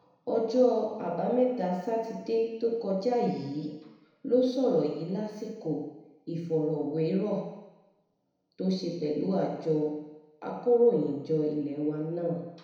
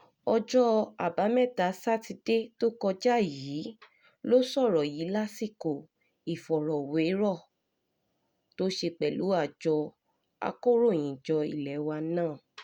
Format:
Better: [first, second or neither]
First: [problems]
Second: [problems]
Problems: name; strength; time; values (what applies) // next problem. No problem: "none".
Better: second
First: room echo; dies away in 1 s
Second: none